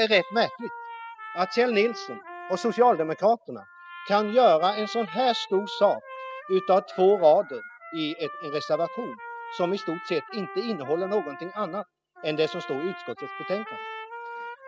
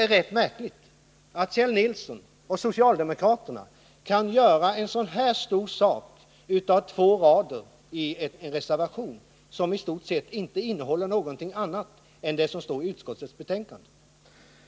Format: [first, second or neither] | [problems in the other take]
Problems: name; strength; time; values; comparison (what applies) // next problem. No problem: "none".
second | noise reduction (classical method spectral subtraction)